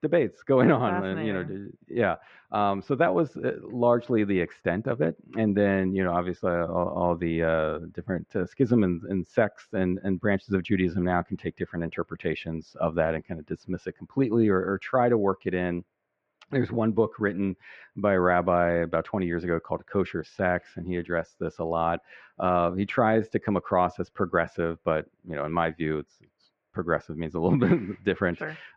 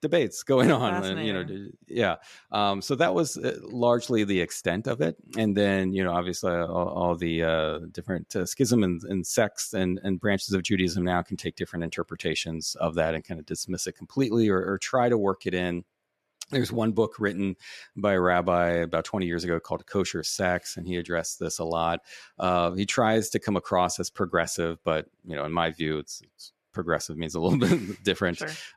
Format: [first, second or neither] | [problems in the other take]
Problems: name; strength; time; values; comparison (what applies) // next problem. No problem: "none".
second | muffled; very; fading above 2 kHz